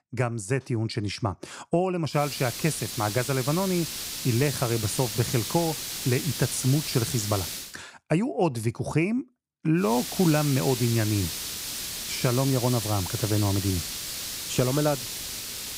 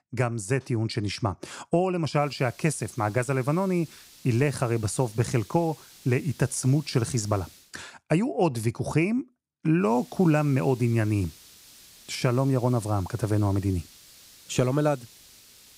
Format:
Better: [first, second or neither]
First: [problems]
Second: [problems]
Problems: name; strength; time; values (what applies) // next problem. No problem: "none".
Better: second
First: hiss; loud; from 2 to 7.5 s and from 10 s on; 4 dB below the speech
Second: hiss; faint; from 2 to 7.5 s and from 10 s on; 20 dB below the speech